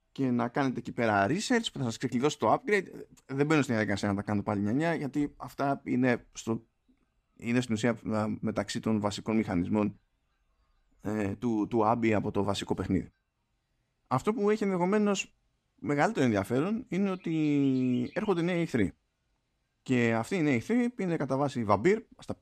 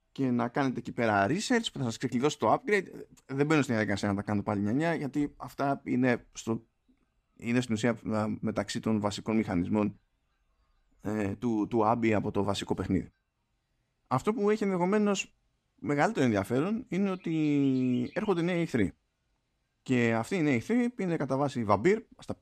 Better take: neither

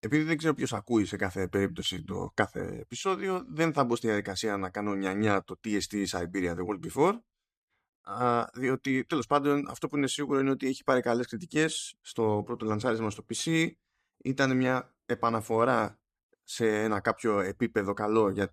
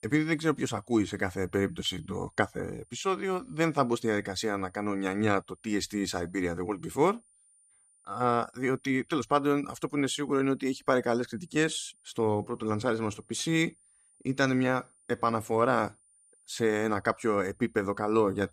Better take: first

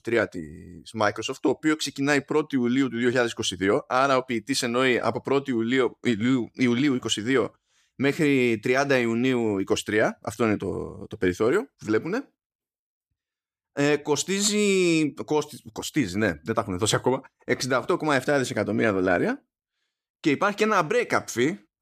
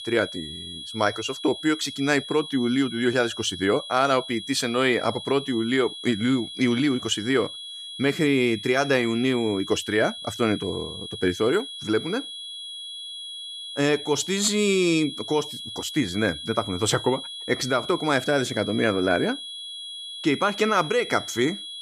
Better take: first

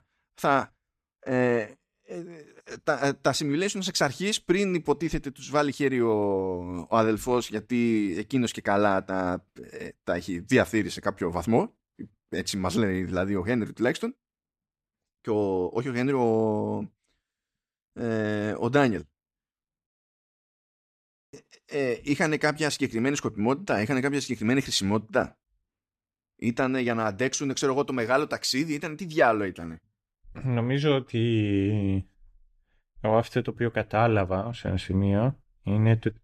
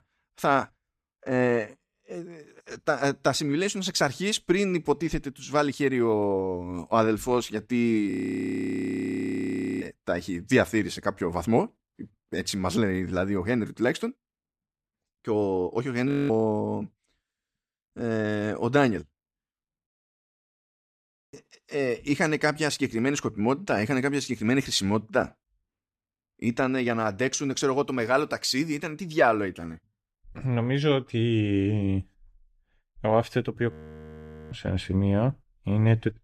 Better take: first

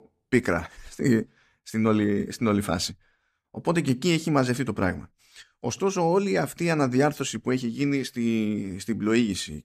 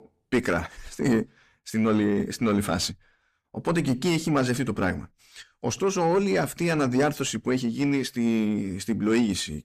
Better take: first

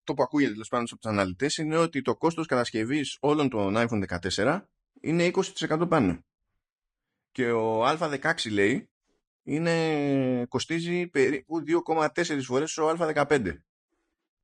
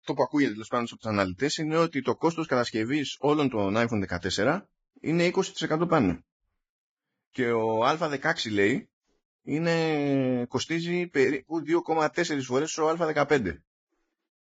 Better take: first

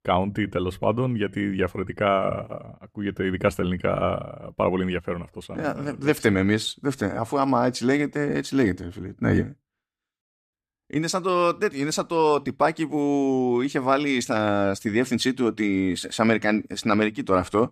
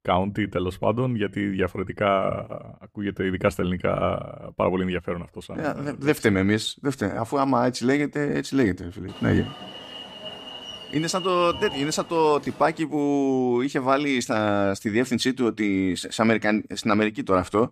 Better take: first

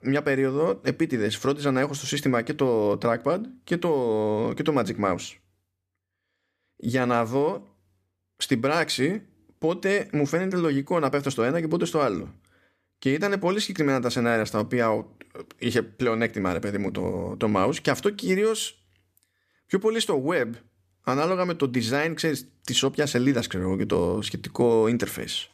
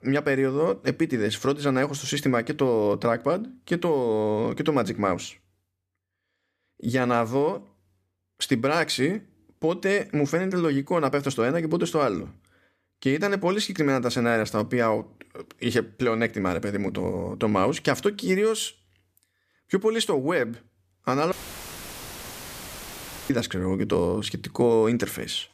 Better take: first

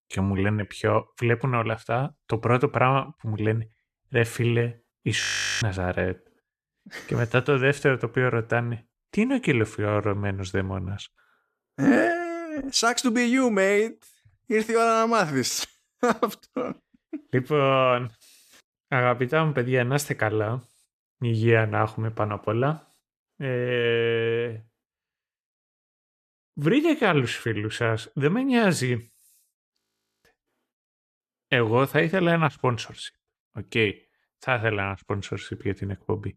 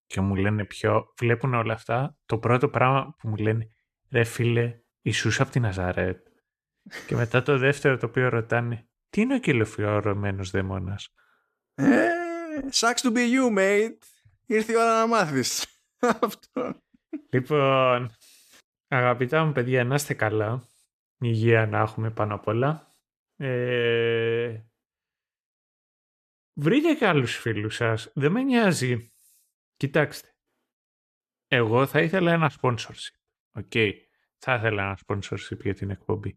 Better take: second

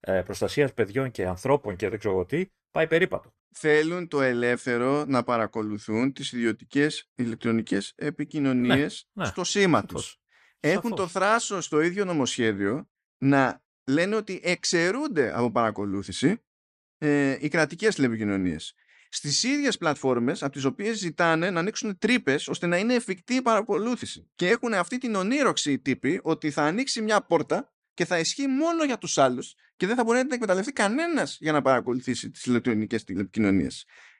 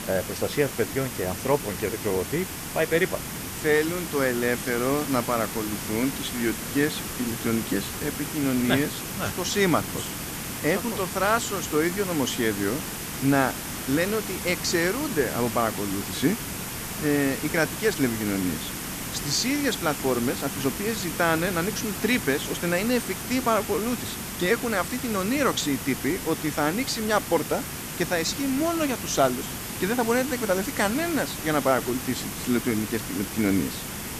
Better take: first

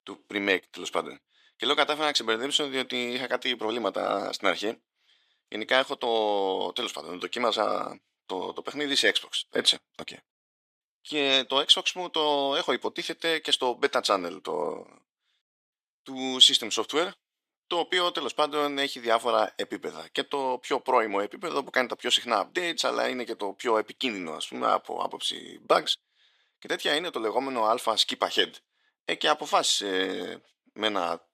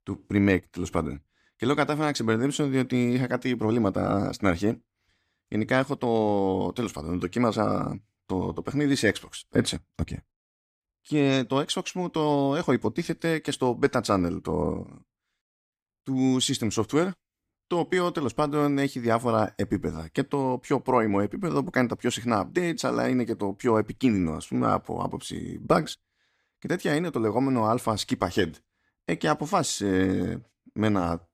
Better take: second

